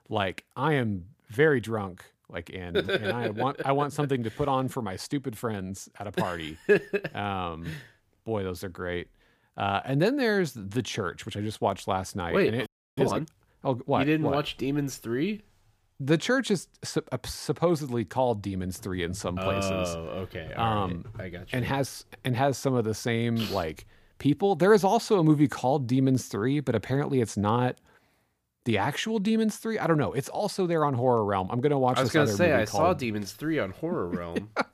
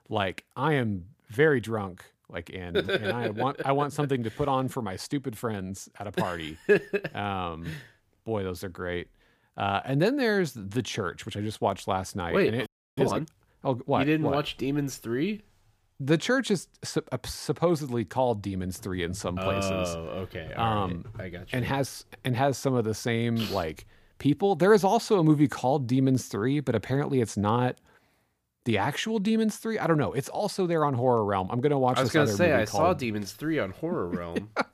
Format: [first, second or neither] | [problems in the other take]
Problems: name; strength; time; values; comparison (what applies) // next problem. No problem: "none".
neither | audio freezing; at 13 s; the same in both